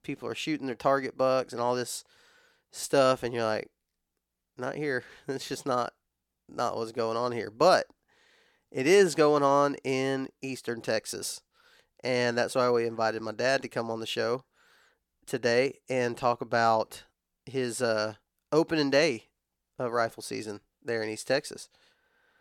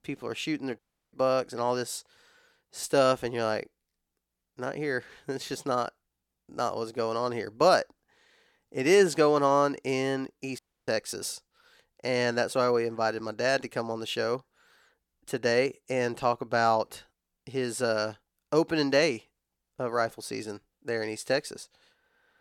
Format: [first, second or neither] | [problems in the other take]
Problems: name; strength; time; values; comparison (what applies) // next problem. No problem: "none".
first | audio cutting out; at 1 s and at 11 s